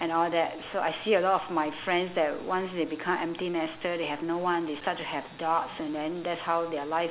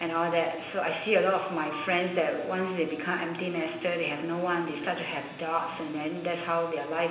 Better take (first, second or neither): first